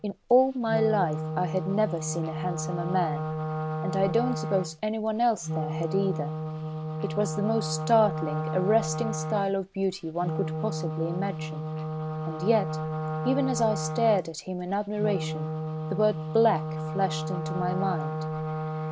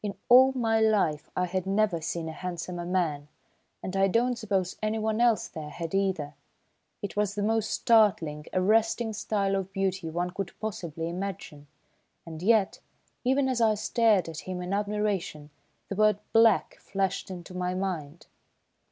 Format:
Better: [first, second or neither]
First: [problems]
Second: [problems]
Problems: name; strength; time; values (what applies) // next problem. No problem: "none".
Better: second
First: background sound (Wind instrument, woodwind instrument); 4 dB below the speech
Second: none